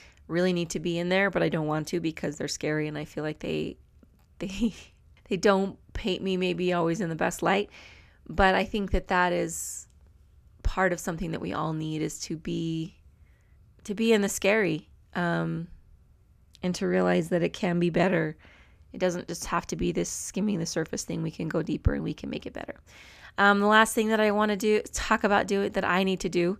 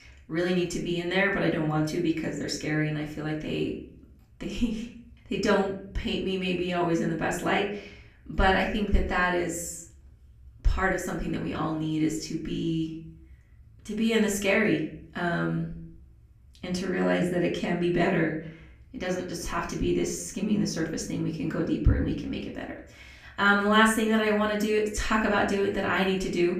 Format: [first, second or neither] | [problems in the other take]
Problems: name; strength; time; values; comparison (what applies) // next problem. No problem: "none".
first | off-mic speech; far // room echo; slight; dies away in 0.4 s